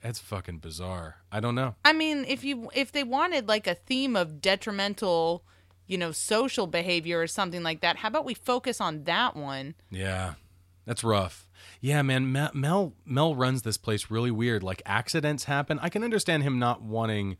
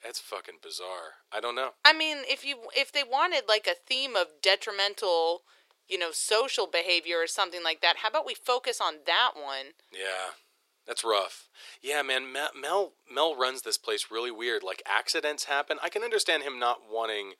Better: first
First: none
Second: thin; very; fading below 400 Hz

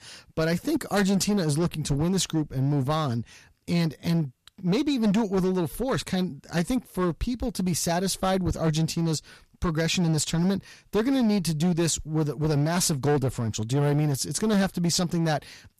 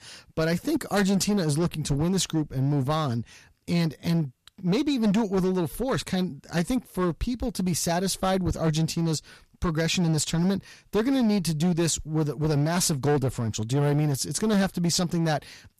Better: neither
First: distortion; slight; 9% of the sound clipped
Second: distortion; slight; 9% of the sound clipped

